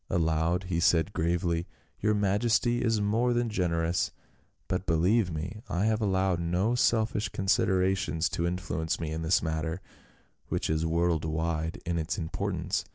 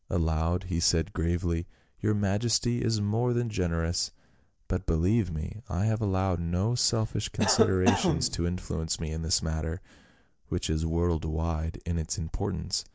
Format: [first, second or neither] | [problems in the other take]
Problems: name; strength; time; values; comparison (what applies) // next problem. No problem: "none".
first | background sound (Cough); 3 dB below the speech